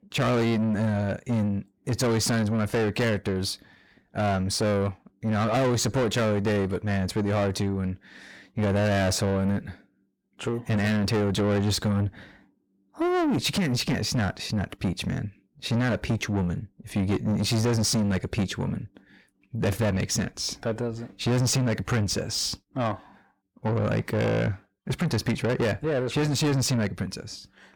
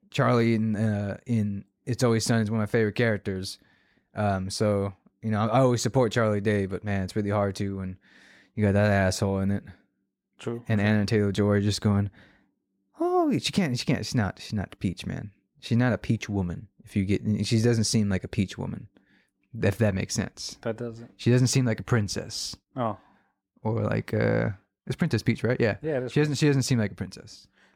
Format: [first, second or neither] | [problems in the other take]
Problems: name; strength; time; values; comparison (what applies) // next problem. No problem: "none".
second | distortion; heavy; 7 dB below the speech